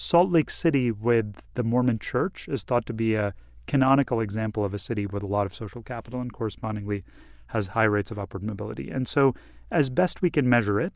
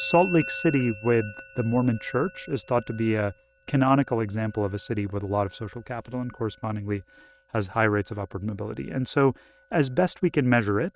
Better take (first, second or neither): first